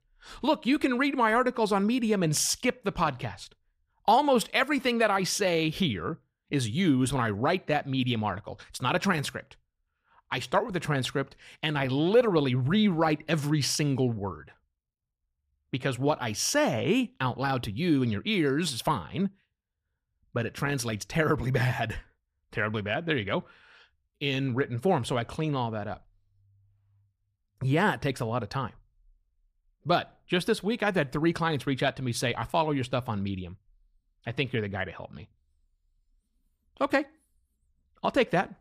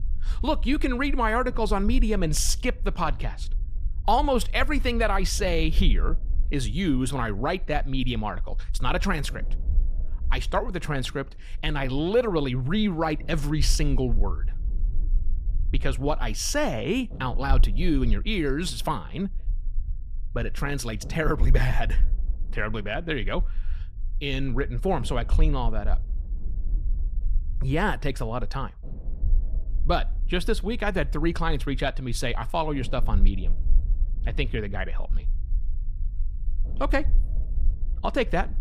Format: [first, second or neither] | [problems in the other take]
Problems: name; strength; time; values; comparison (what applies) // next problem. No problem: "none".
first | low rumble; faint; throughout; 25 dB below the speech